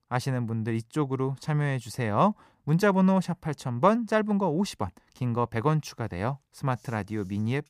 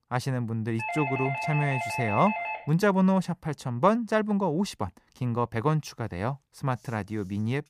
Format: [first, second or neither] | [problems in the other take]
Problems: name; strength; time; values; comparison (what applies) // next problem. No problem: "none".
first | doorbell; noticeable; from 1 to 2.5 s; peak 3 dB below the speech